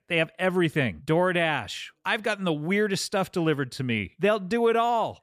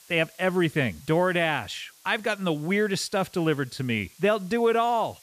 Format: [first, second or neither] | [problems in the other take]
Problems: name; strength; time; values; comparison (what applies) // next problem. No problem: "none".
first | hiss; faint; throughout; 25 dB below the speech